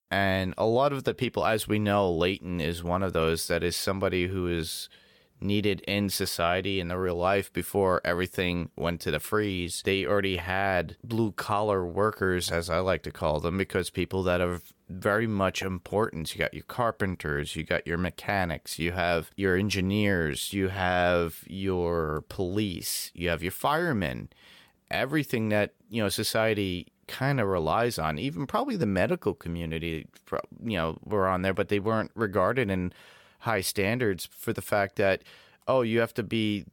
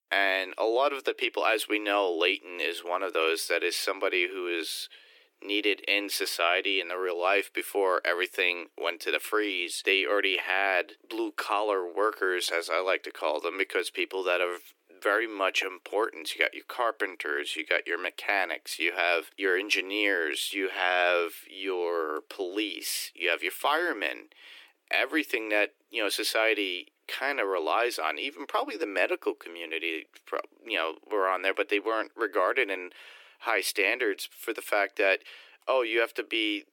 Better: first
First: none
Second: thin; very; fading below 300 Hz

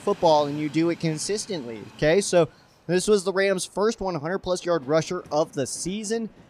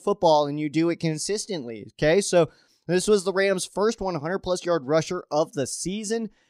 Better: second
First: train or aircraft noise; faint; throughout; 25 dB below the speech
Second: none

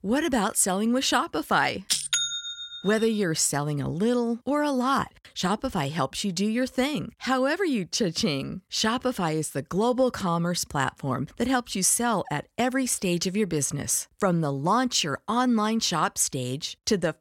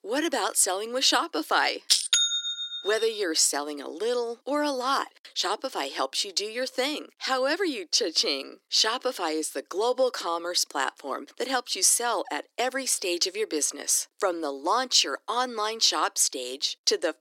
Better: first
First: none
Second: thin; somewhat; fading below 300 Hz

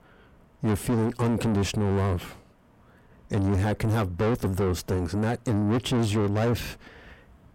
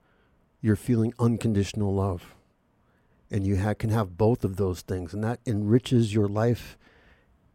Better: second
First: distortion; heavy; 5 dB below the speech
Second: none

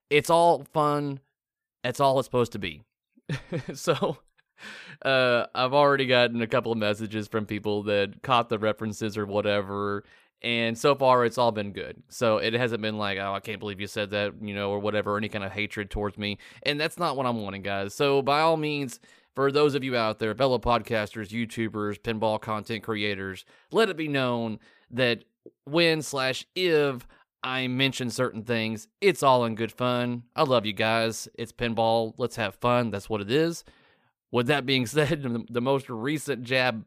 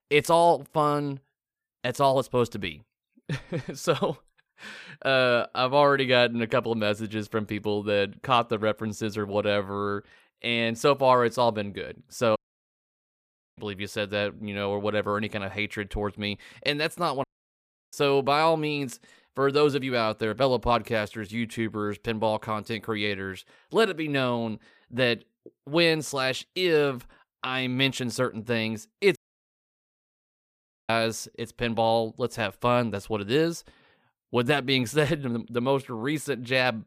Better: first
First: none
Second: audio cutting out; at 12 s for 1 s, at 17 s for 0.5 s and at 29 s for 1.5 s

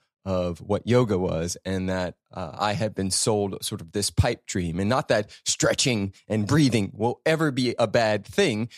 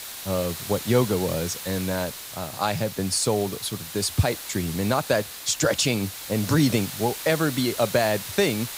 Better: first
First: none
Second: hiss; loud; throughout; 9 dB below the speech

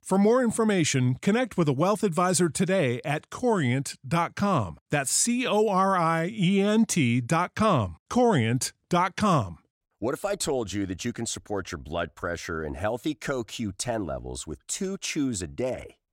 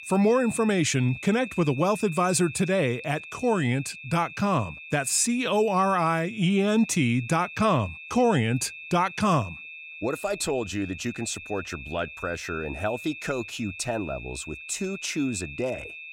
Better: first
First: none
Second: high-pitched whine; noticeable; throughout; 2.5 kHz, 15 dB below the speech

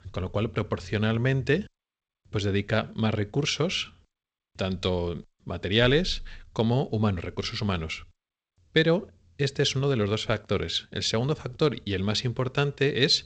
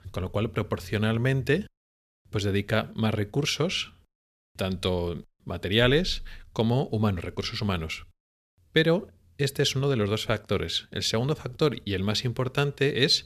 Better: second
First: garbled, watery; slightly; nothing above 7.5 kHz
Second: none

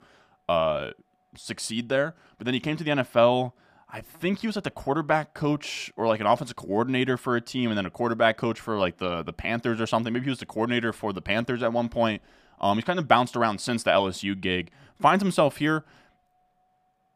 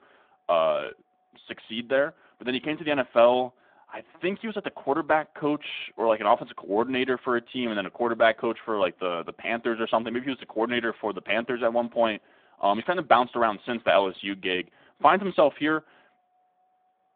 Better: first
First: none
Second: phone-call audio

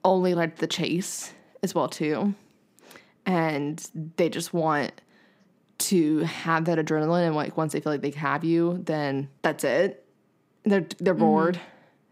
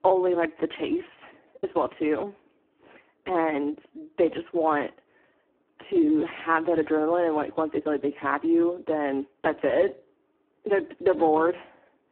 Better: first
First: none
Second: phone-call audio; poor line

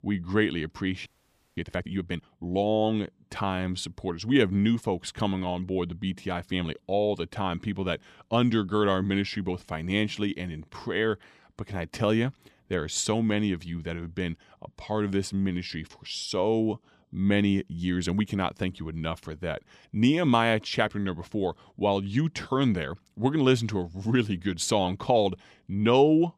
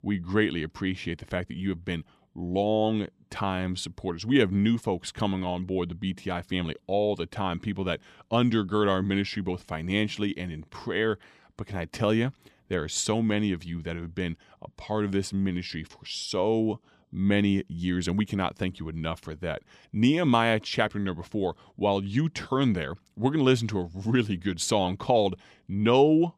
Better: second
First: audio freezing; at 1 s for 0.5 s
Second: none

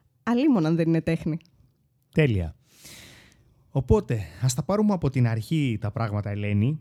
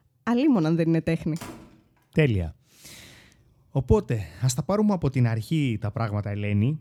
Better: first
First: none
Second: door banging; faint; at 1.5 s; peak 15 dB below the speech

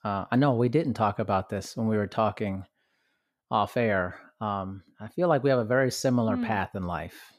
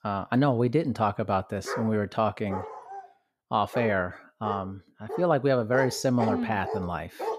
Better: first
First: none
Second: dog barking; noticeable; from 1.5 s on; peak 6 dB below the speech

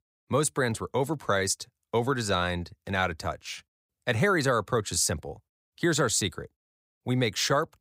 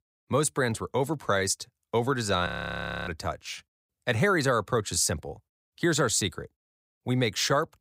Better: first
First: none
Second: audio freezing; at 2.5 s for 0.5 s

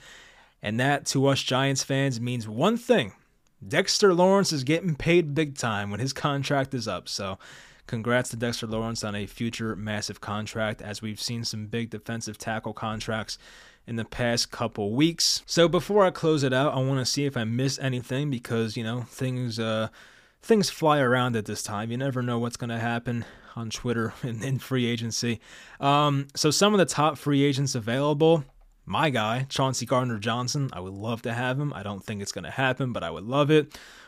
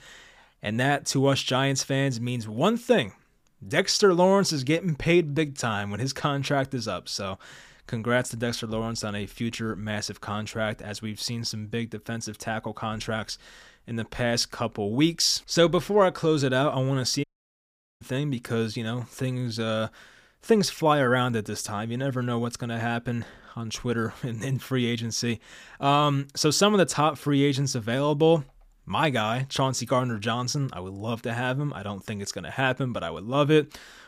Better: first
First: none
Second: audio cutting out; at 17 s for 1 s

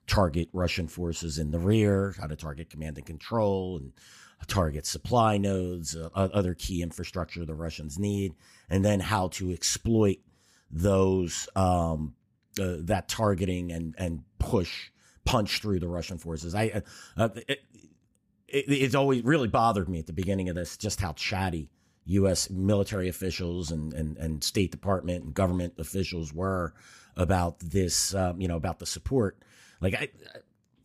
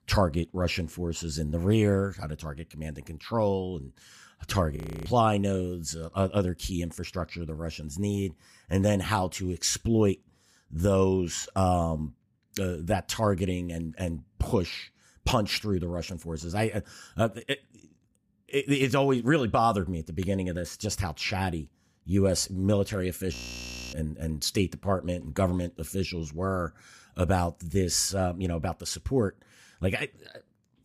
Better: first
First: none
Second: audio freezing; at 5 s and at 23 s for 0.5 s

